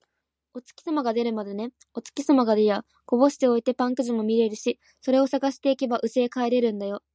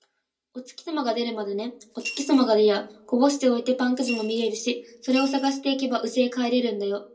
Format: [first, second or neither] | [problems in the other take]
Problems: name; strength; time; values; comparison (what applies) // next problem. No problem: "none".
first | background sound (Coin (dropping) / Glass); 14 dB below the speech // room echo; dies away in 0.2 s